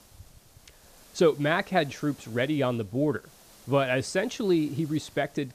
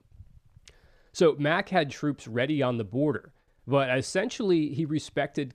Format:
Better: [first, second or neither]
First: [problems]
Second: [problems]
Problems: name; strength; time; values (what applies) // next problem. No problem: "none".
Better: second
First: hiss; faint; throughout; 25 dB below the speech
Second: none